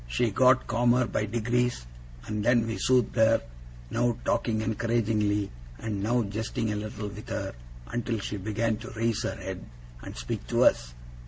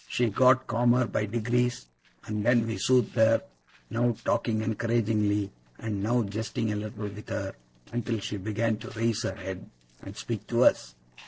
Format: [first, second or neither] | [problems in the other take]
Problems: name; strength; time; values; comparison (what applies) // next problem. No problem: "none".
first | noise reduction (neural separator model SepFormer DNS4)